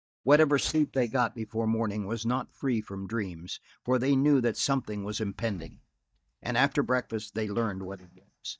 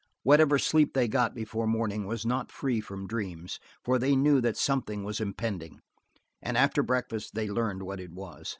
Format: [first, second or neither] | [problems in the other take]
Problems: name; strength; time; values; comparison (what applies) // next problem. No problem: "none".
second | noise reduction (neural mask model DeepFilterNet 3)